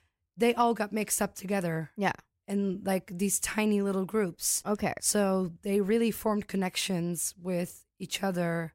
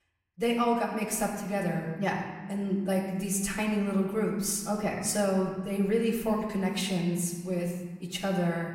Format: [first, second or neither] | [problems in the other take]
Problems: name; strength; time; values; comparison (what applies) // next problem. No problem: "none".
first | off-mic speech; far // room echo; noticeable; dies away in 1.4 s